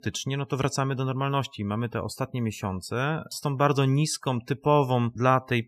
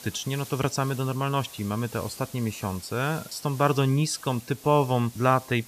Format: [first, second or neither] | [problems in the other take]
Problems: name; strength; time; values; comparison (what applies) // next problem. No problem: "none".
first | hiss; noticeable; throughout; 15 dB below the speech